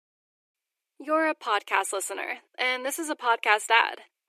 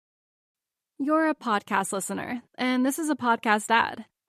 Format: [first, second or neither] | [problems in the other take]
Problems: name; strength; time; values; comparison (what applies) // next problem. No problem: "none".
second | thin; very; fading below 350 Hz